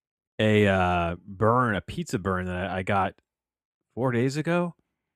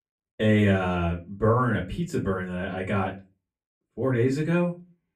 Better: first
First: none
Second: off-mic speech; far // room echo; very slight; dies away in 0.2 s

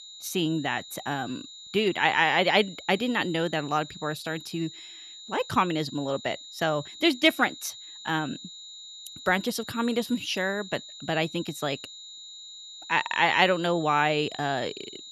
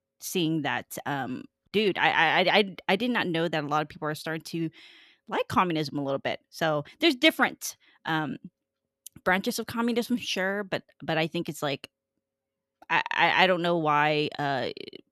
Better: second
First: high-pitched whine; noticeable; throughout; 4 kHz, 15 dB below the speech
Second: none

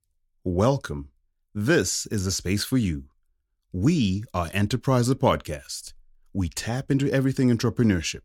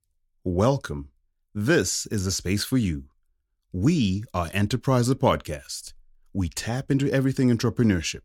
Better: neither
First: none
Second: none

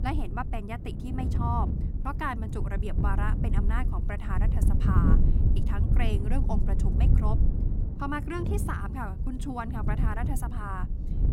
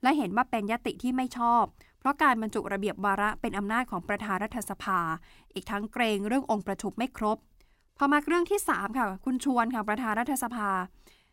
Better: second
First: wind noise on the microphone; heavy; 6 dB below the speech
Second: none

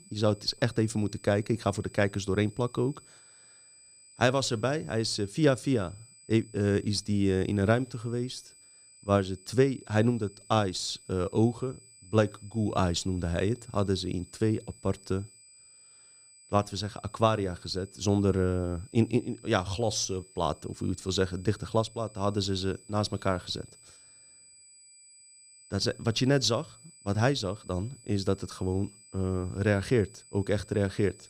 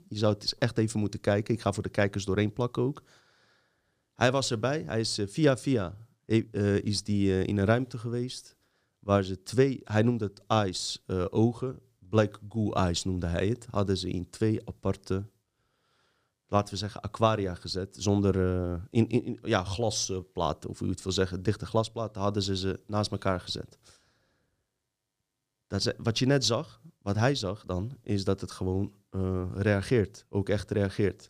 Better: second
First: high-pitched whine; faint; throughout; 8 kHz, 25 dB below the speech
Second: none

